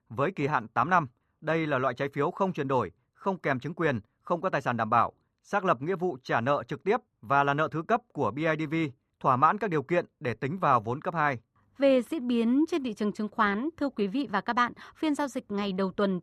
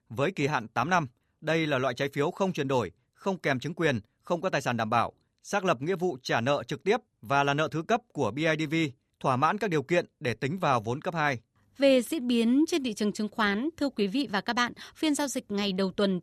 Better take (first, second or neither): second